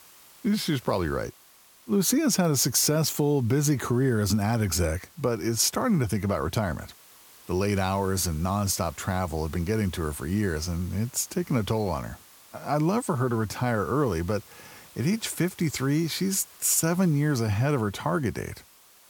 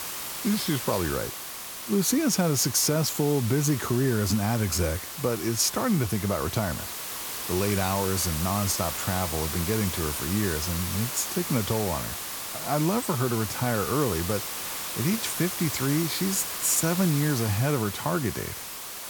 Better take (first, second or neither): first